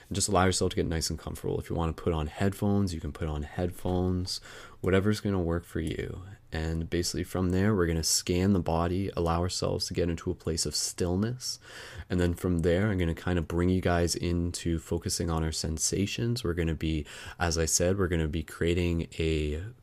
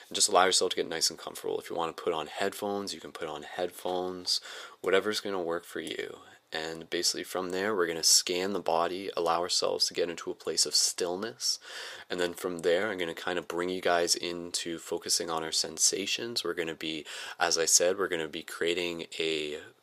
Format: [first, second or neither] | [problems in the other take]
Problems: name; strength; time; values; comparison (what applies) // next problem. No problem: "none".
first | thin; very; fading below 550 Hz